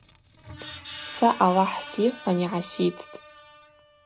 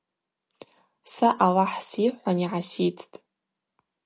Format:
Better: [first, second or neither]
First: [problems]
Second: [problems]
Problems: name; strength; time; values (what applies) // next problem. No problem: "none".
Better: second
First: background sound (Screech); 16 dB below the speech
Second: none